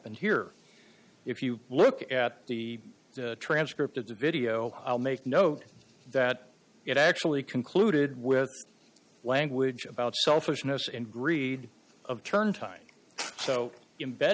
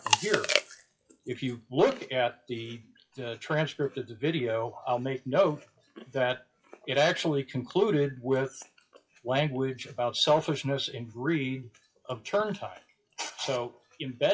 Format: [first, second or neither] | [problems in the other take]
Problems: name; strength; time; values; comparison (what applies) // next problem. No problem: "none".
first | noise reduction (classical method WPE with log-MMSE)